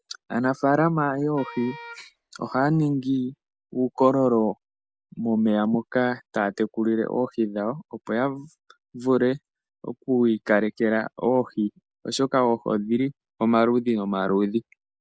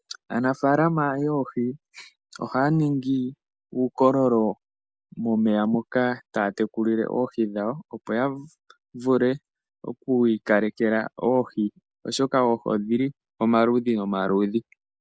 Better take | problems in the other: second | background sound (Wind instrument, woodwind instrument); 18 dB below the speech

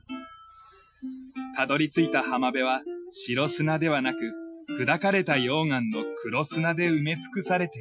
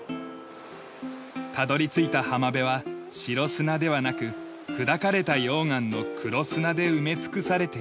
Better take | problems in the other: second | noise reduction (classical method Wiener filter)

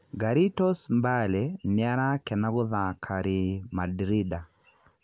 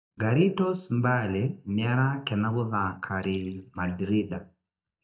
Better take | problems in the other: first | noise reduction (neural mask model DeepFilterNet 3)

